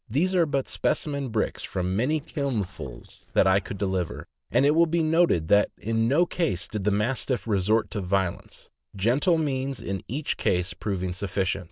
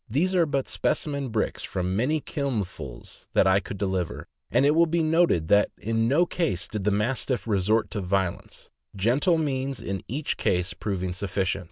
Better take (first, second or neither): second